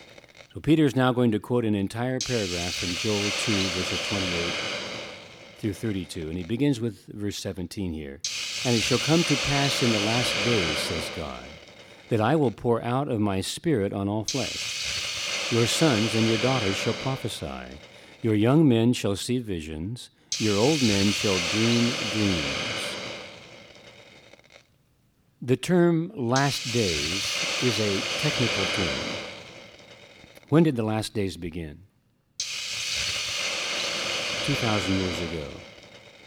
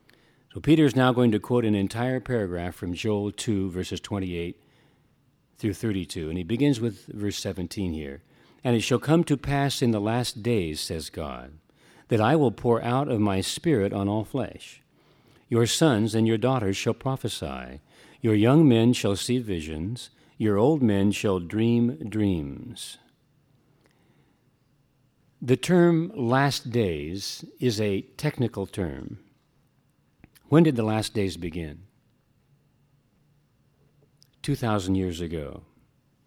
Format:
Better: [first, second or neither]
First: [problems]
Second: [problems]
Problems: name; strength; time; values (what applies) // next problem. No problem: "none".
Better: second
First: hiss; loud; throughout; 1 dB below the speech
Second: none